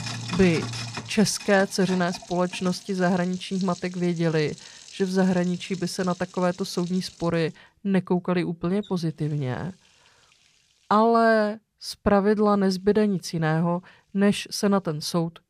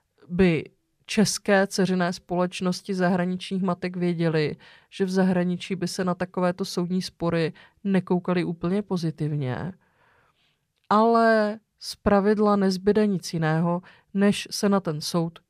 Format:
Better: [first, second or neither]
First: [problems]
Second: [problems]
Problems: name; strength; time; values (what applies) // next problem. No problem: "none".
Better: second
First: household noises; noticeable; throughout; 15 dB below the speech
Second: none